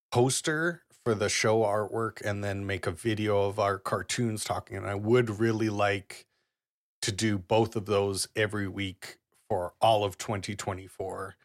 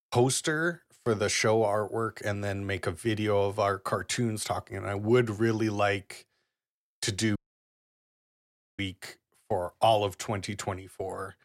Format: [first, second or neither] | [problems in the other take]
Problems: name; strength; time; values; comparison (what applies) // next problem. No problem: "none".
first | audio cutting out; at 7.5 s for 1.5 s